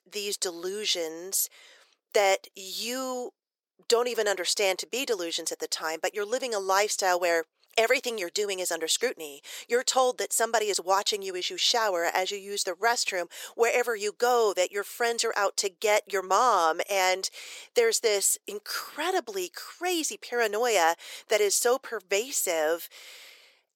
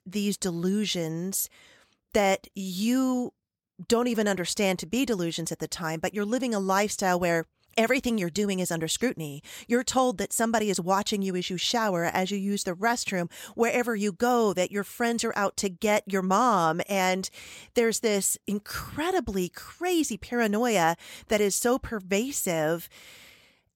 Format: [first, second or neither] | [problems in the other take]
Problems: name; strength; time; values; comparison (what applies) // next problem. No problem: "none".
second | thin; very; fading below 400 Hz